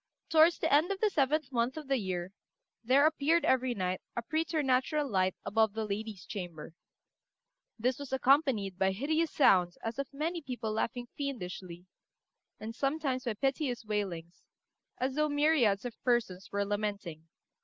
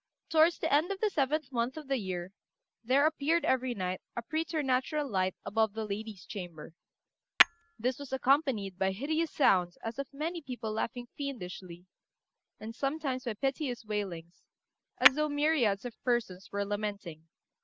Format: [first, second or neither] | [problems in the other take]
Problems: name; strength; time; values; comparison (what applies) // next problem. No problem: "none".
first | background sound (Tap / Hammer); 2 dB below the speech